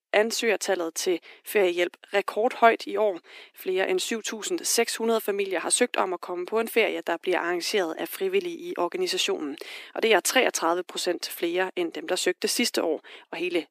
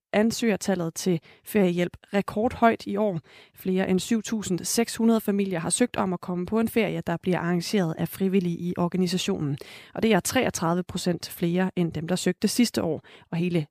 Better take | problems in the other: second | thin; very; fading below 300 Hz

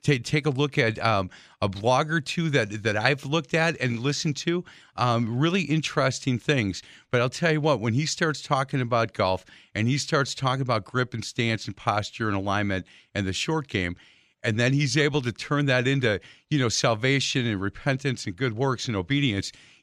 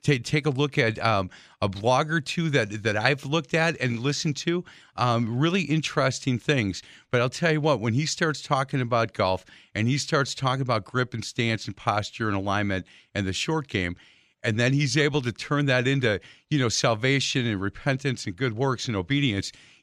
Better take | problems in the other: neither | none

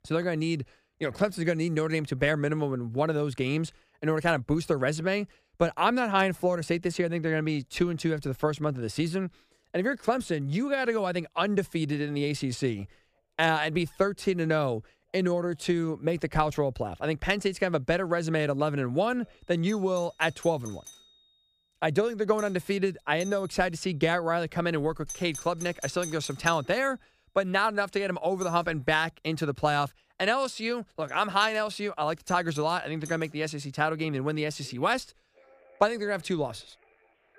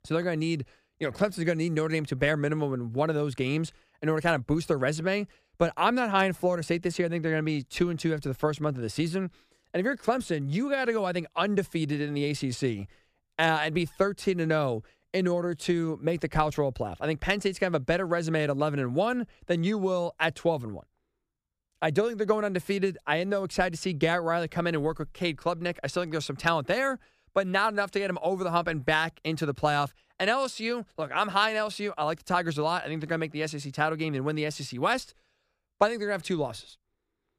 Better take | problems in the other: second | alarms or sirens; noticeable; throughout; 15 dB below the speech

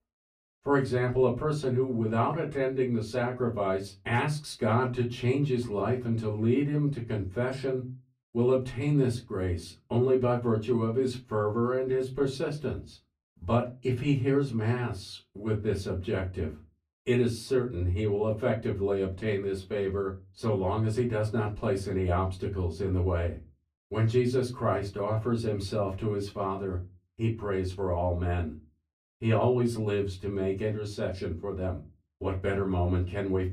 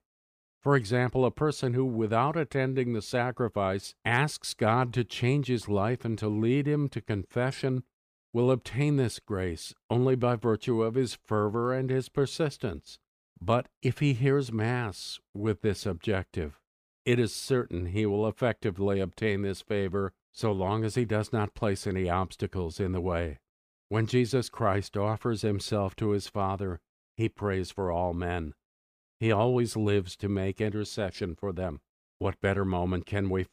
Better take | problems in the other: second | off-mic speech; far // room echo; very slight; dies away in 0.3 s

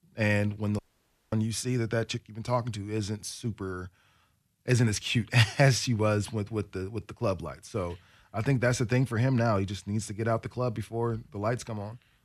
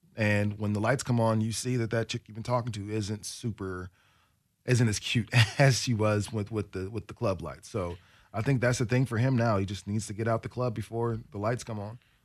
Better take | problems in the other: second | audio cutting out; at 1 s for 0.5 s

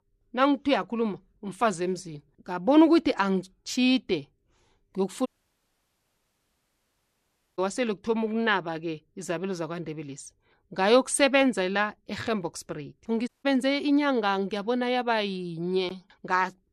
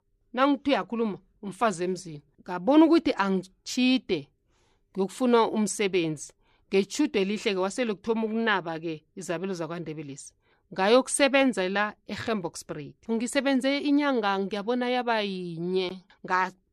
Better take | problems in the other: second | audio cutting out; at 5.5 s for 2.5 s and at 13 s

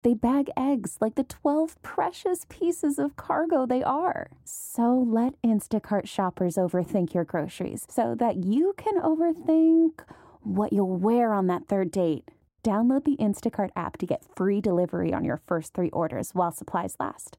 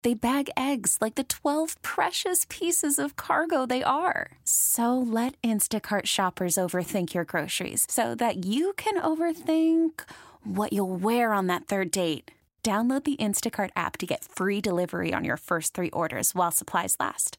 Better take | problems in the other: second | muffled; very; fading above 1.5 kHz

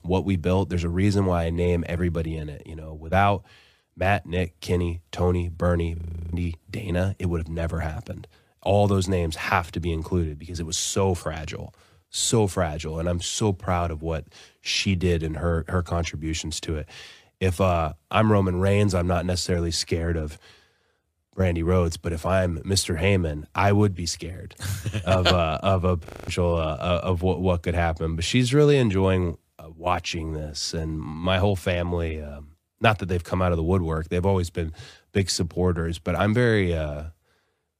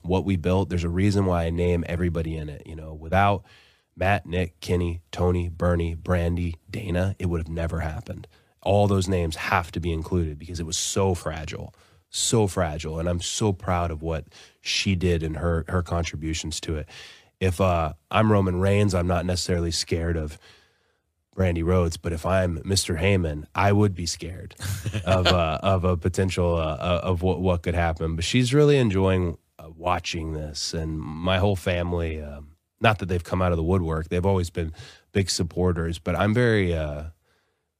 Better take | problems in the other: second | audio freezing; at 6 s and at 26 s

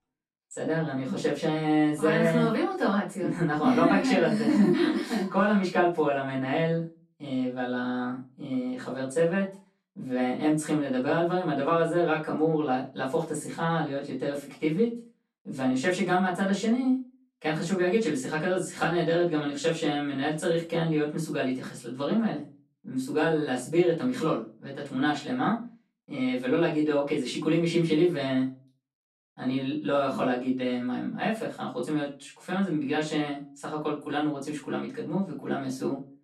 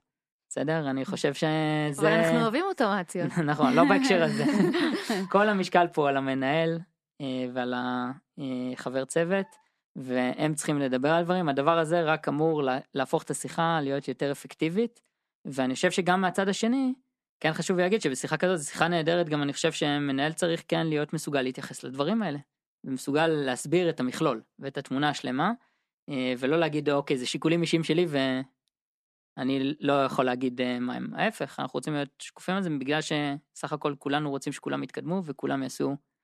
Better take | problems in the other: second | room echo; slight; dies away in 0.3 s // off-mic speech; far

